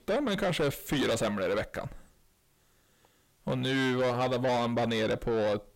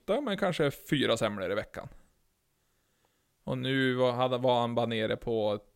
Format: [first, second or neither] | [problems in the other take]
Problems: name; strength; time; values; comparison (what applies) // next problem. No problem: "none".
second | distortion; heavy; 6 dB below the speech